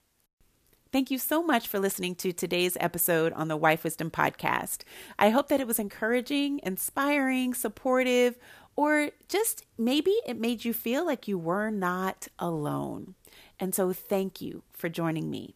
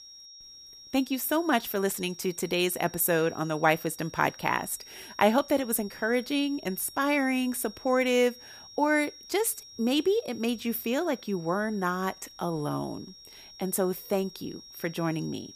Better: first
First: none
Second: high-pitched whine; noticeable; throughout; 5.5 kHz, 20 dB below the speech

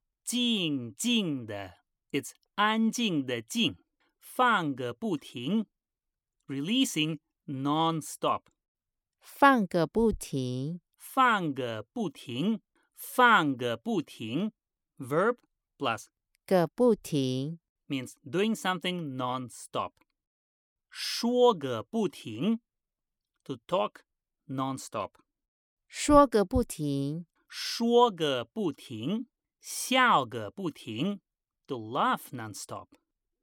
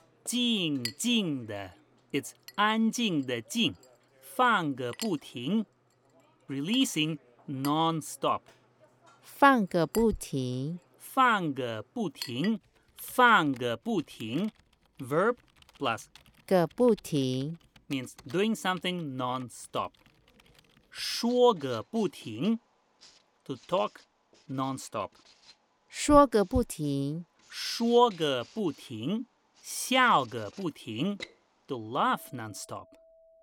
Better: first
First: none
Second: household noises; faint; throughout; 20 dB below the speech

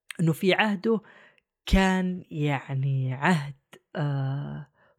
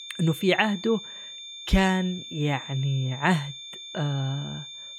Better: first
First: none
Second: high-pitched whine; noticeable; throughout; 3.5 kHz, 10 dB below the speech

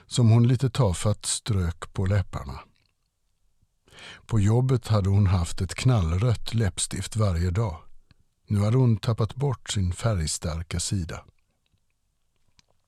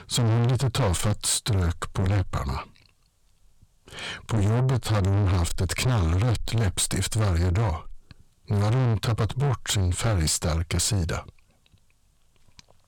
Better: first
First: none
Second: distortion; heavy; 6 dB below the speech

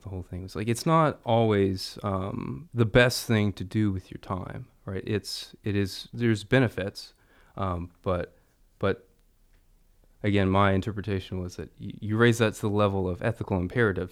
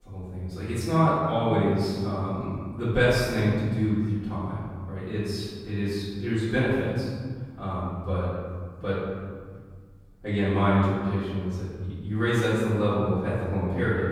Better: first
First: none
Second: room echo; strong; dies away in 1.9 s // off-mic speech; far

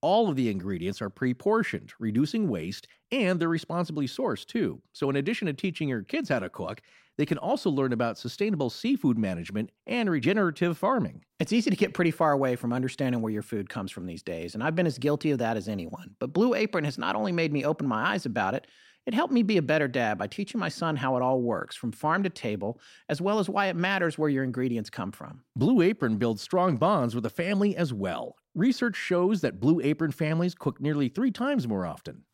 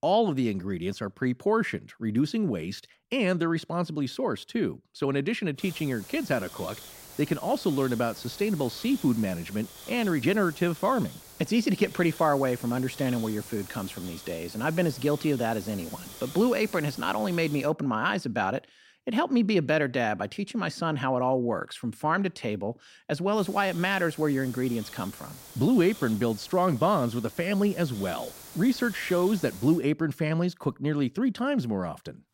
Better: first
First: none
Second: hiss; noticeable; from 5.5 to 18 s and from 23 to 30 s; 15 dB below the speech

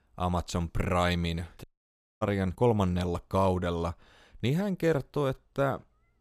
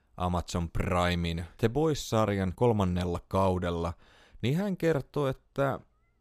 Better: second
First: audio cutting out; at 1.5 s for 0.5 s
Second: none

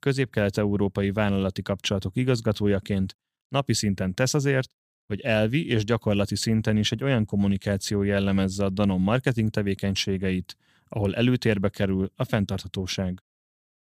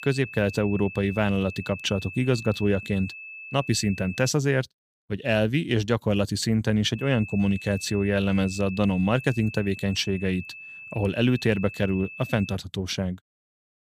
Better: first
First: none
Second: high-pitched whine; noticeable; until 4.5 s and from 7 to 13 s; 2.5 kHz, 15 dB below the speech

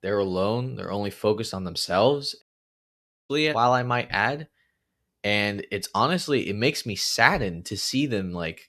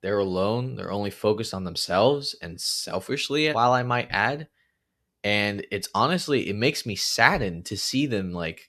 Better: second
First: audio cutting out; at 2.5 s for 1 s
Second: none

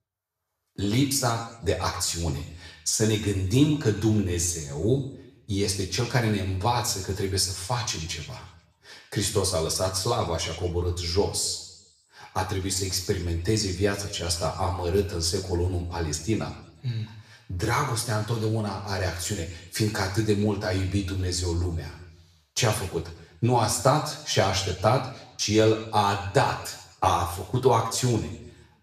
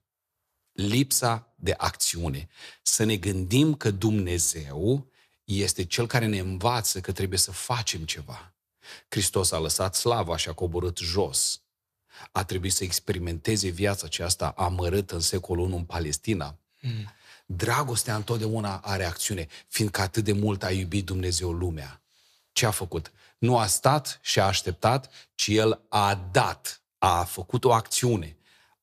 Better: second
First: room echo; slight; dies away in 0.8 s // off-mic speech; somewhat distant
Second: none

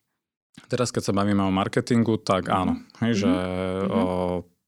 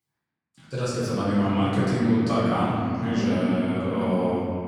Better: first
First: none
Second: room echo; strong; dies away in 2.8 s // off-mic speech; far

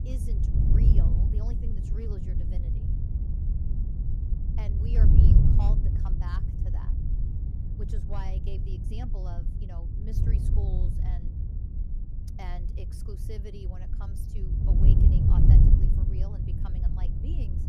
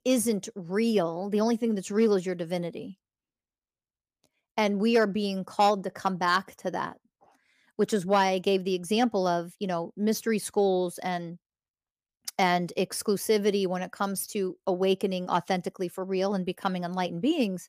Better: second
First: wind noise on the microphone; heavy; 5 dB above the speech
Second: none

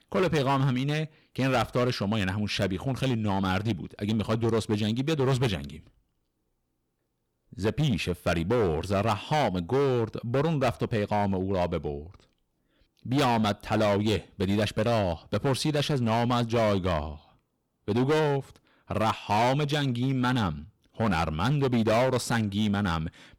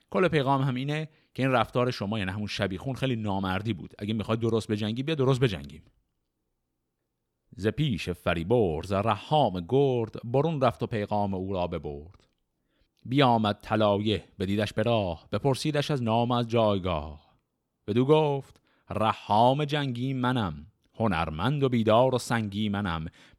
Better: second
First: distortion; heavy; 11% of the sound clipped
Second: none

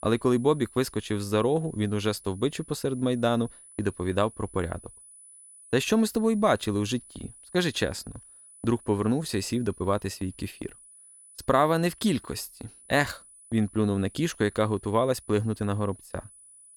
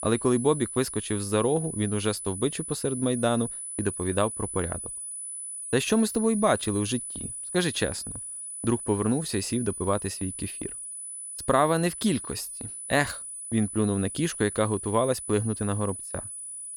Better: first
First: high-pitched whine; faint; throughout; 10 kHz, 20 dB below the speech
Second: high-pitched whine; loud; throughout; 10 kHz, 7 dB below the speech

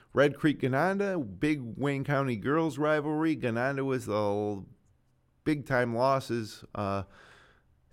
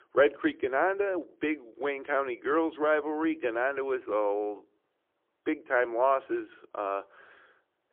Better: first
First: none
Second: phone-call audio; poor line; nothing above 3.5 kHz

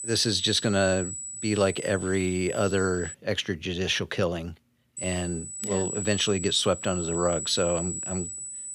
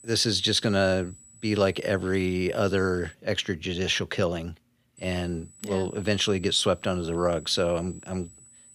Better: second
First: high-pitched whine; loud; until 3 s and from 5 s on; 8 kHz, 7 dB below the speech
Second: high-pitched whine; faint; until 3 s and from 5 s on; 8 kHz, 25 dB below the speech

